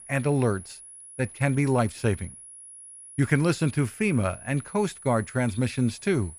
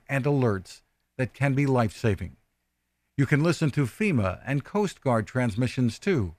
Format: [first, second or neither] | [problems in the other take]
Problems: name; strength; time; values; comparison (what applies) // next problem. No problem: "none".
second | high-pitched whine; noticeable; throughout; 10.5 kHz, 15 dB below the speech